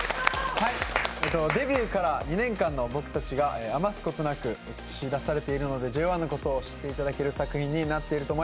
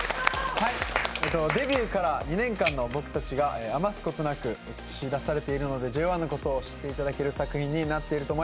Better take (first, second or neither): first